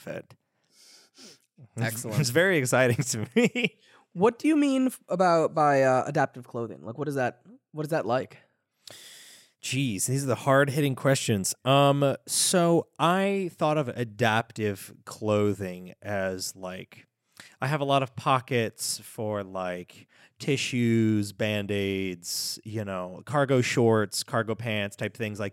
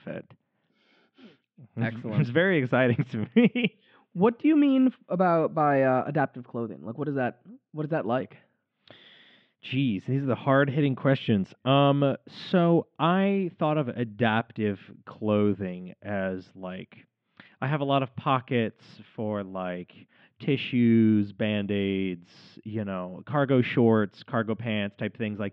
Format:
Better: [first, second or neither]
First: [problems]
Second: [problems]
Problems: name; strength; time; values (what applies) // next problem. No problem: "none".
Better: first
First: none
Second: muffled; very; fading above 3.5 kHz